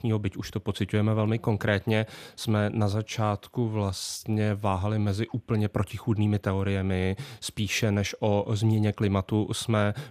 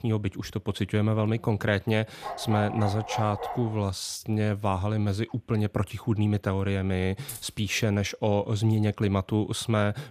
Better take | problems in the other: first | dog barking; noticeable; from 2 to 4 s; peak 6 dB below the speech // jangling keys; faint; at 7.5 s; peak 10 dB below the speech

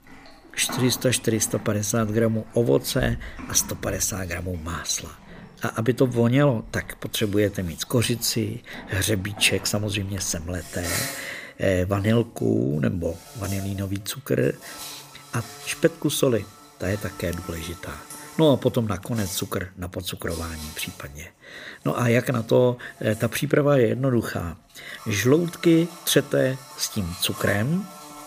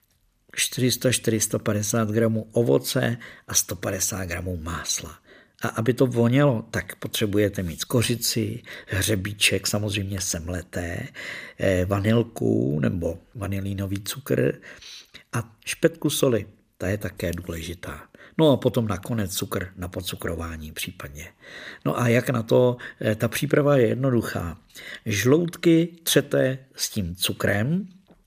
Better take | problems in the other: second | animal sounds; noticeable; throughout; 15 dB below the speech

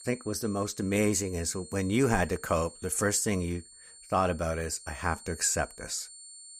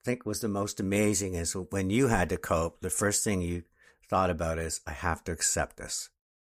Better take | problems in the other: second | high-pitched whine; noticeable; throughout; 8.5 kHz, 20 dB below the speech

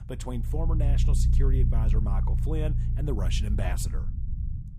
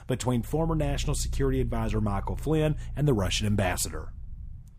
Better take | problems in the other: second | low rumble; loud; throughout; 5 dB below the speech; faint in the second

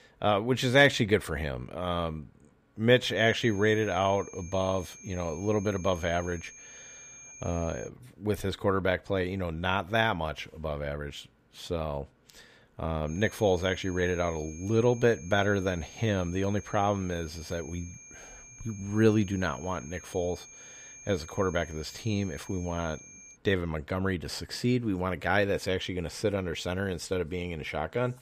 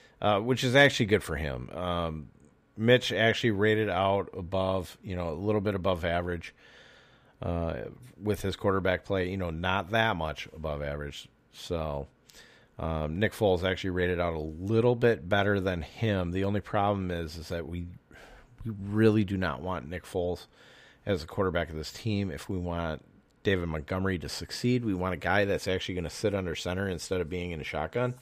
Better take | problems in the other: second | high-pitched whine; noticeable; from 3 to 8 s and from 13 to 23 s; 6.5 kHz, 15 dB below the speech

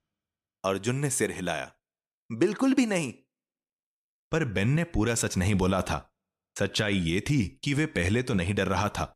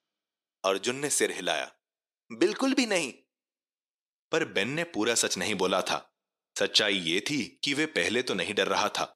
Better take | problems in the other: first | thin; somewhat; fading below 400 Hz

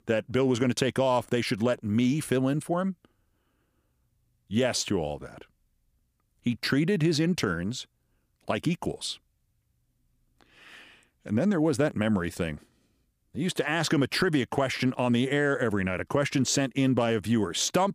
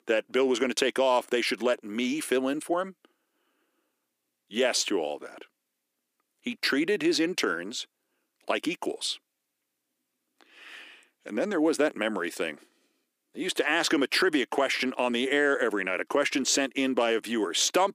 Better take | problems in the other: first | thin; very slightly; fading below 300 Hz

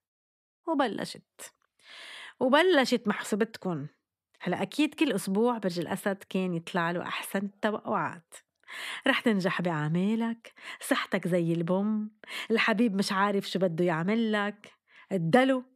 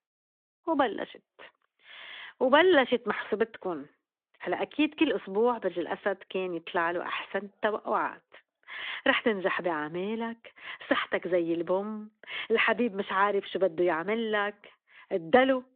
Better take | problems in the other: first | phone-call audio

